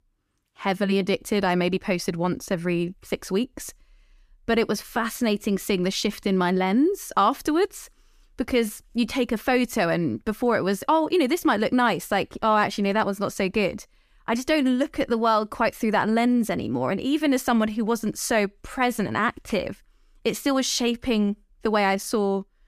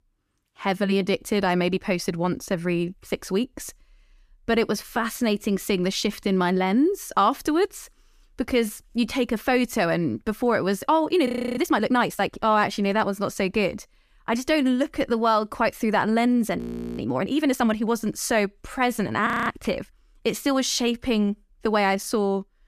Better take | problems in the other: first | audio freezing; at 11 s, at 17 s and at 19 s

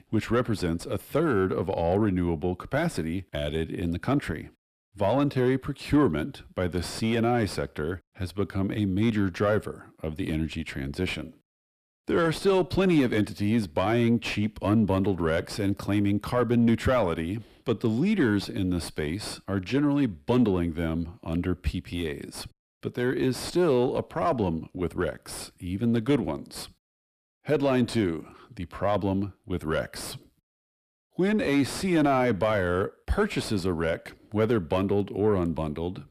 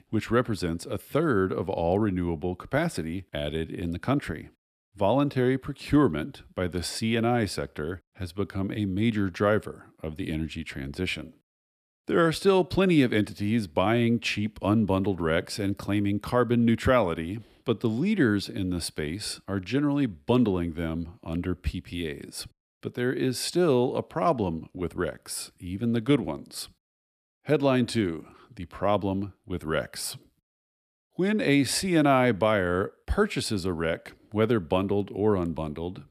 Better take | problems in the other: second | distortion; slight; 10 dB below the speech

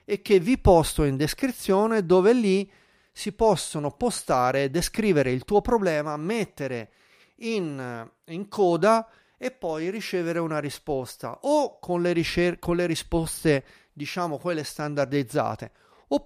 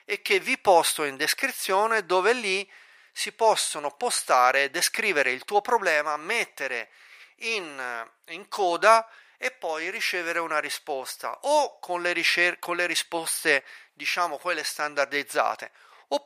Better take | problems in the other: first | thin; very; fading below 750 Hz

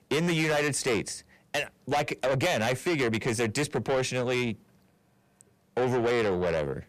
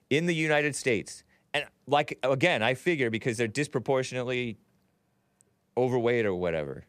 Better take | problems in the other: second | distortion; heavy; 7 dB below the speech

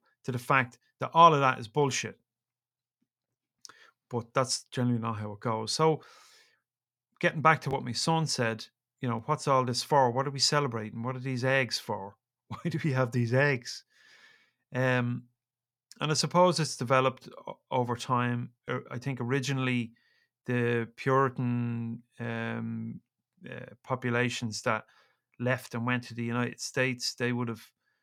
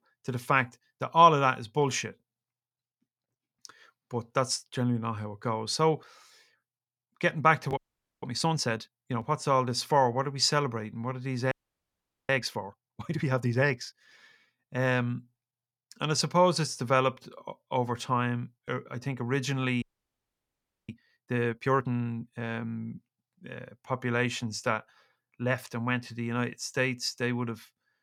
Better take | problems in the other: first | audio freezing; at 8 s, at 12 s for 1 s and at 20 s for 1 s

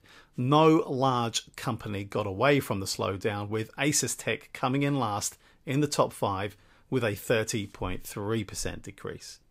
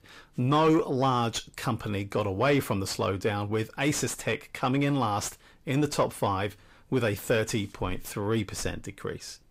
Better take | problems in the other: first | distortion; slight; 10 dB below the speech

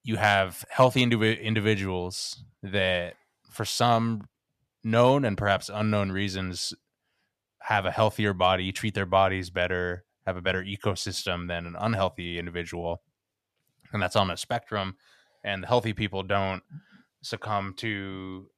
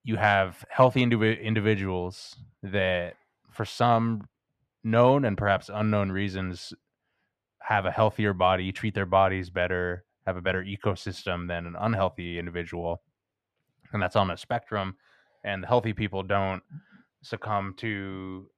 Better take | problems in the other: first | muffled; slightly; fading above 3.5 kHz

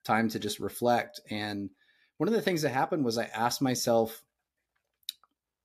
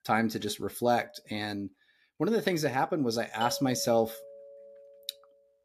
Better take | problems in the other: first | doorbell; noticeable; from 3.5 to 5 s; peak 9 dB below the speech

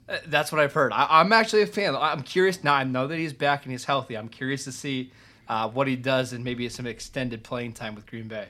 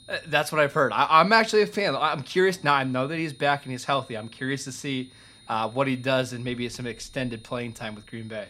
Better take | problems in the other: first | high-pitched whine; faint; throughout; 3.5 kHz, 25 dB below the speech

